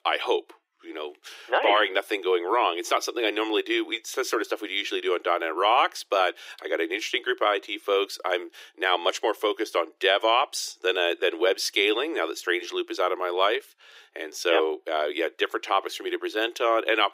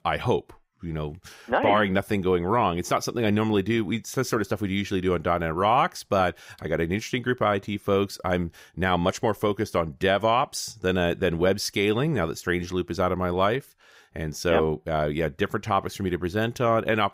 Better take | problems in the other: second | thin; very; fading below 300 Hz

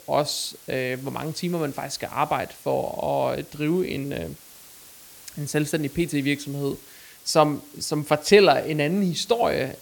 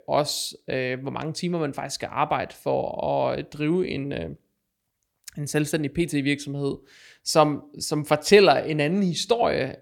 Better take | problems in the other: second | hiss; faint; throughout; 20 dB below the speech

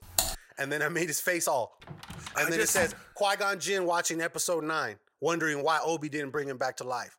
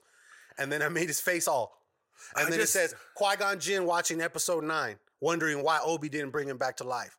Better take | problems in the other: second | keyboard typing; loud; at the start; peak 1 dB above the speech // door banging; noticeable; from 2 to 3 s; peak 7 dB below the speech

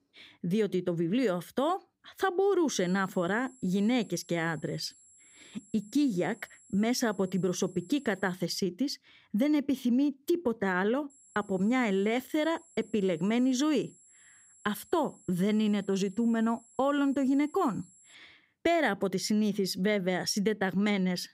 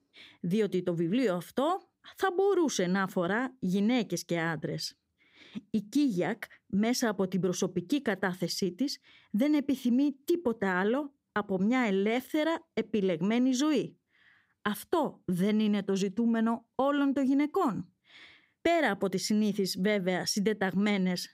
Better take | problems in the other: second | high-pitched whine; faint; from 3 to 8.5 s and from 11 to 18 s; 7.5 kHz, 25 dB below the speech

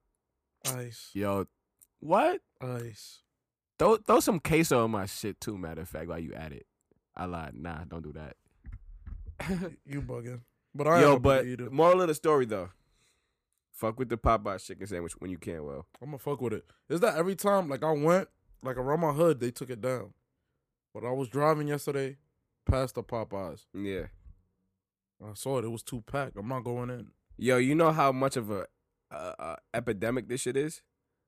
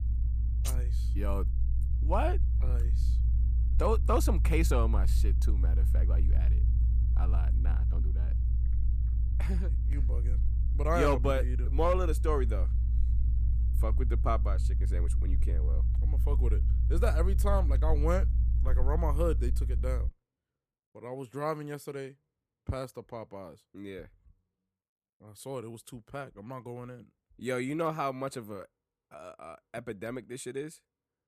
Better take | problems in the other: first | low rumble; noticeable; until 20 s; 15 dB below the speech

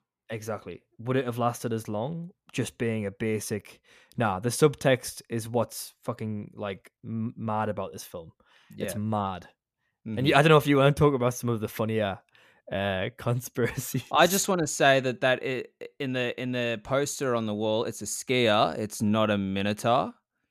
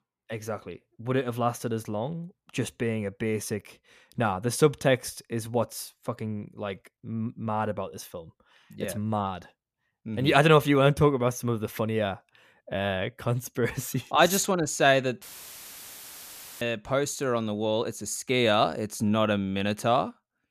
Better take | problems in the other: first | audio cutting out; filled with static; at 15 s for 1.5 s

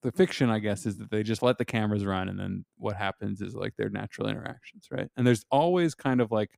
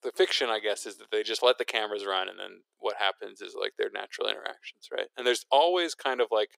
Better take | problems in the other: first | thin; very; fading below 400 Hz

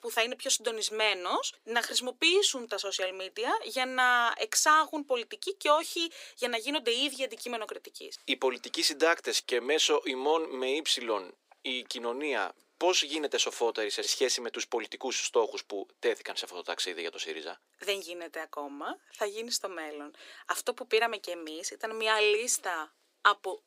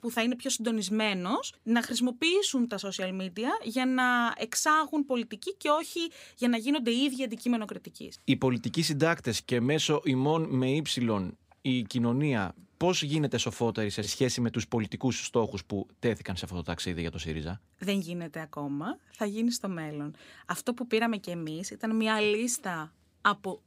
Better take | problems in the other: second | thin; very; fading below 350 Hz

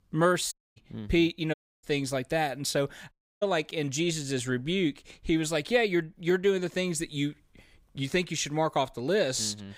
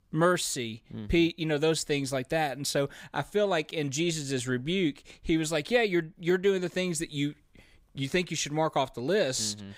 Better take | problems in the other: second | audio cutting out; at 0.5 s, at 1.5 s and at 3 s

